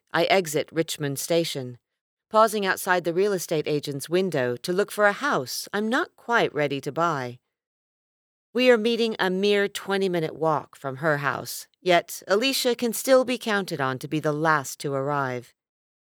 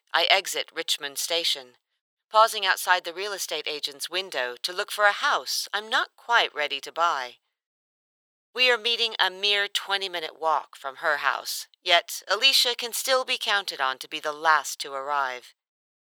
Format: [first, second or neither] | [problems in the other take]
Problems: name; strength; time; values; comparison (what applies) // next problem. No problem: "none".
first | thin; very; fading below 850 Hz